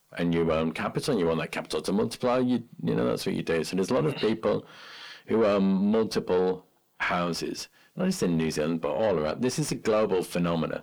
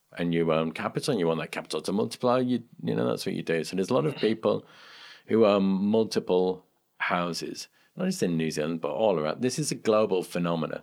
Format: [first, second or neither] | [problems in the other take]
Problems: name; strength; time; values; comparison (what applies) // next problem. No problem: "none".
second | distortion; slight; 10 dB below the speech